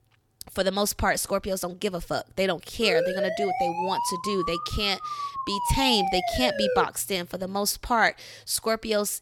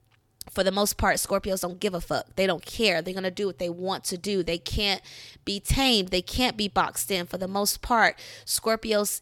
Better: second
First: siren; loud; from 3 to 7 s; peak level with the speech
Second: none

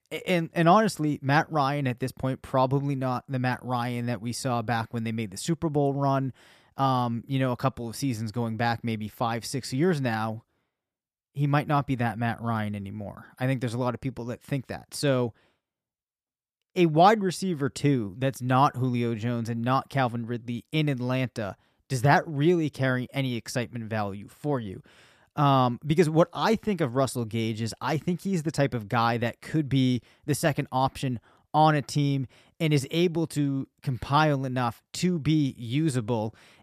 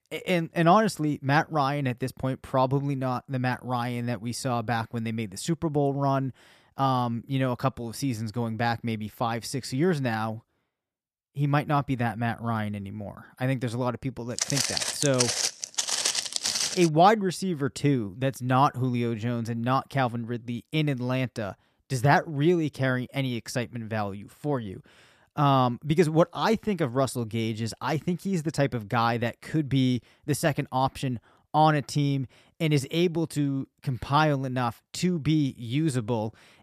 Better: first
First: none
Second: footsteps; loud; from 14 to 17 s; peak 2 dB above the speech

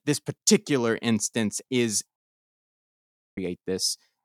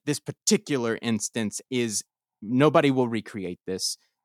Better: second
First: audio cutting out; at 2 s for 1 s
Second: none

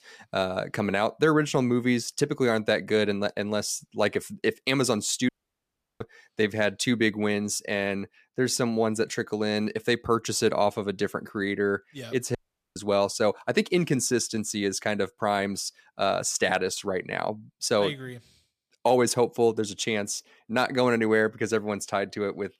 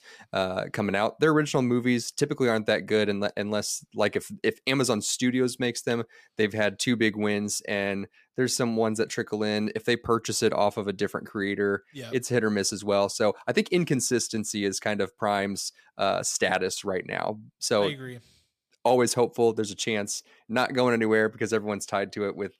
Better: second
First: audio cutting out; at 5.5 s for 0.5 s and at 12 s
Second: none

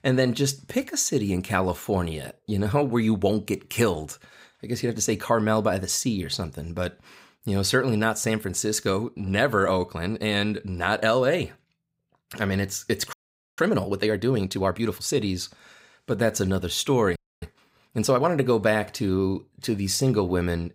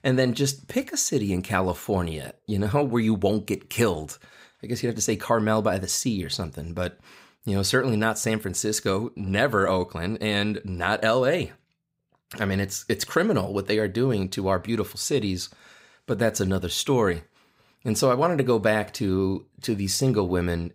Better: second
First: audio freezing; at 13 s and at 17 s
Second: none

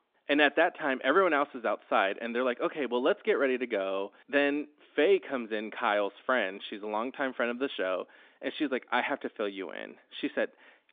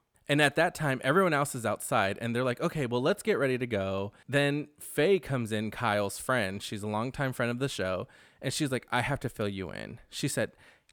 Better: second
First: phone-call audio; nothing above 3.5 kHz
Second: none

